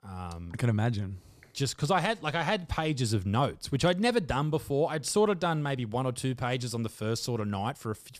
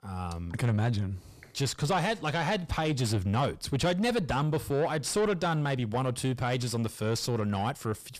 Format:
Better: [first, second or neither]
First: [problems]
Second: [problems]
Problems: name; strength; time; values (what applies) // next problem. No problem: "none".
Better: first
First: none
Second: distortion; slight; 10 dB below the speech